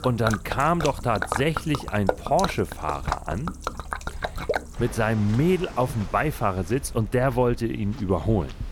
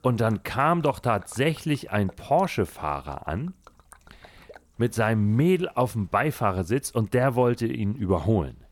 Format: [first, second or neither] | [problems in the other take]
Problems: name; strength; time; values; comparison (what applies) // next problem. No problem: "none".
second | rain or running water; loud; throughout; 8 dB below the speech; faint in the second